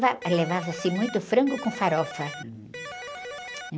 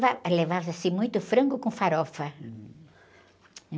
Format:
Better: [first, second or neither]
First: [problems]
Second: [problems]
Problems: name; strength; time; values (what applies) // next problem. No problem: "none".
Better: second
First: background sound (Electric guitar); 10 dB below the speech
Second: none